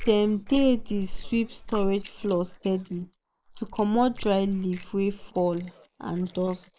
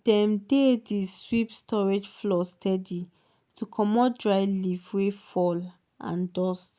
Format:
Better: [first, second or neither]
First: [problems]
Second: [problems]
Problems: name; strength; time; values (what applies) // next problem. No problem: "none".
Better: second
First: noise reduction (neural mask model Resemble Enhance denoiser)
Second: none